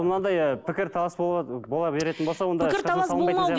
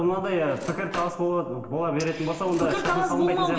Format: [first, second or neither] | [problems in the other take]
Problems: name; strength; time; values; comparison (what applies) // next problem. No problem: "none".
first | background sound (Cutlery, silverware / Drawer open or close); 15 dB below the speech // room echo; dies away in 1.2 s